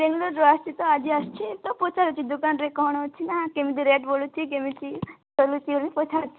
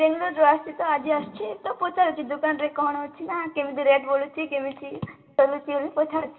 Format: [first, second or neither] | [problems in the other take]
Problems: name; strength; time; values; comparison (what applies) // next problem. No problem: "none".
first | room echo; dies away in 1.9 s